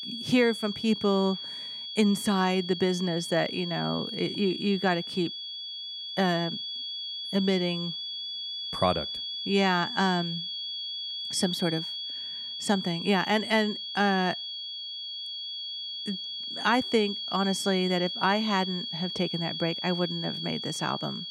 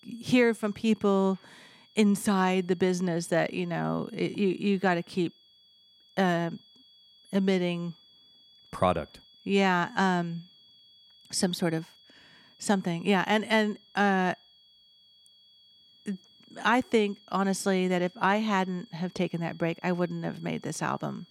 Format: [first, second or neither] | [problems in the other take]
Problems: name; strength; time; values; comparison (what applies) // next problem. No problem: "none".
second | high-pitched whine; loud; throughout; 3.5 kHz, 5 dB below the speech; faint in the second